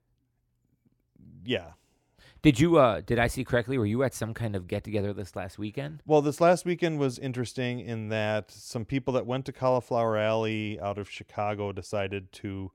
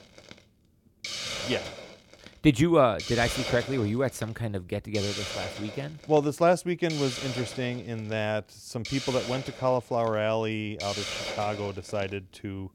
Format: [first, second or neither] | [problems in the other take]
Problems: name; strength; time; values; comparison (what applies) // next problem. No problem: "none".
first | hiss; loud; throughout; 7 dB below the speech